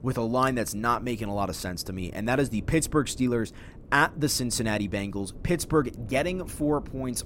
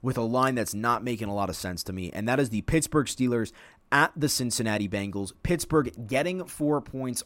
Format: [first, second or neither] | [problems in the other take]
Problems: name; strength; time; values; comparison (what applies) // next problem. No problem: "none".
second | wind noise on the microphone; occasional gusts; 25 dB below the speech